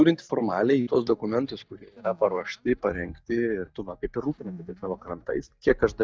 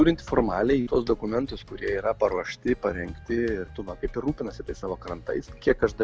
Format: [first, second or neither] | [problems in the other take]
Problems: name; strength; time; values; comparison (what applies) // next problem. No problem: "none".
second | noise reduction (neural mask model DeepFilterNet 3)